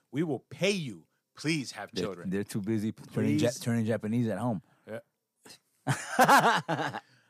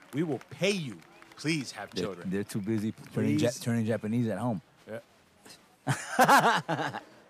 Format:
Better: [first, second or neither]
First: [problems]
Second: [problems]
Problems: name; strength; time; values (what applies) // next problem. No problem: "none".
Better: first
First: none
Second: crowd noise; faint; throughout; 25 dB below the speech